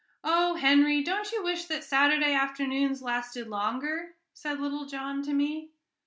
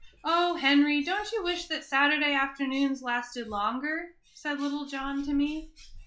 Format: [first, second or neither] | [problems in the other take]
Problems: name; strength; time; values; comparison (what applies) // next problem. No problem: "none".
first | noise reduction (classical method log-MMSE)